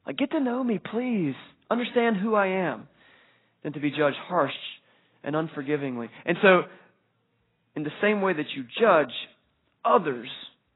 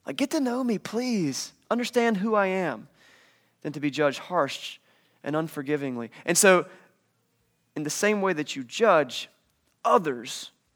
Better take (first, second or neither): second